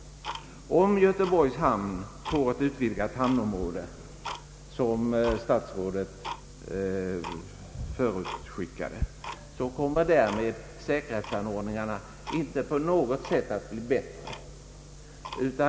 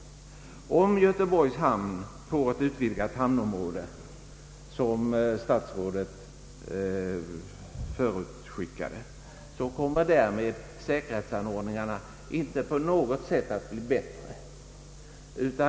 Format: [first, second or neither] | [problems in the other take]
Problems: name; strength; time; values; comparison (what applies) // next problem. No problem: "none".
second | background sound (Tick-tock); 15 dB below the speech